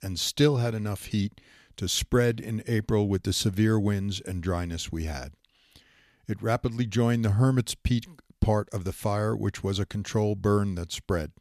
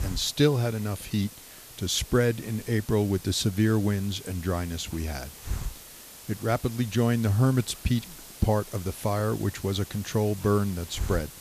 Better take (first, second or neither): first